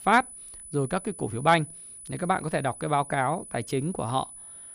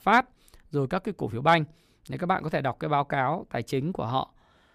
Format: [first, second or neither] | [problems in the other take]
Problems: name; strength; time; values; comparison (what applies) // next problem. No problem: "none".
second | high-pitched whine; noticeable; throughout; 10 kHz, 15 dB below the speech